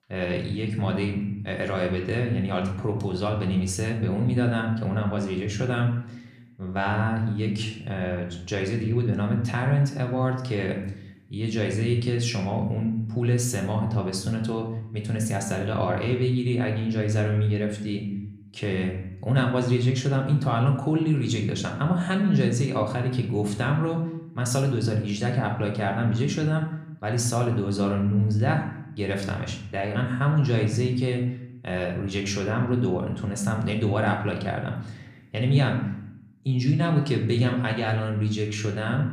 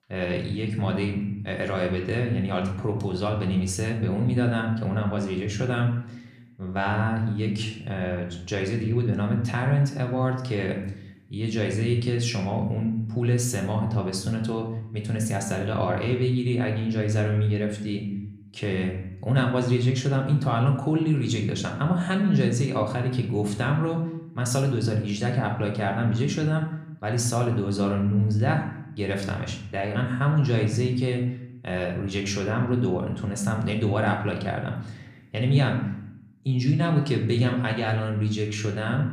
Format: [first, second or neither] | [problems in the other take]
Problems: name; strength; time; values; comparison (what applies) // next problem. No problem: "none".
neither | room echo; slight; dies away in 0.6 s; the same in both // off-mic speech; somewhat distant; the same in both